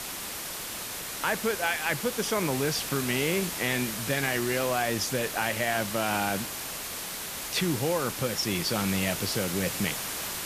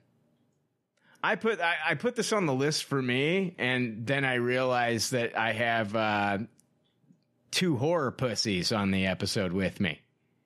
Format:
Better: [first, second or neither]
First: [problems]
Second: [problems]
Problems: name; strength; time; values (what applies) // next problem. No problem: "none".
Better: second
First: hiss; loud; throughout; 4 dB below the speech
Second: none